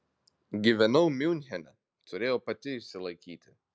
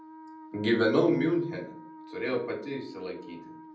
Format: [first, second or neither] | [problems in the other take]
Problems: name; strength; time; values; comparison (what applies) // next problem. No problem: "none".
first | background sound (Wind instrument, woodwind instrument); 17 dB below the speech // room echo; dies away in 0.6 s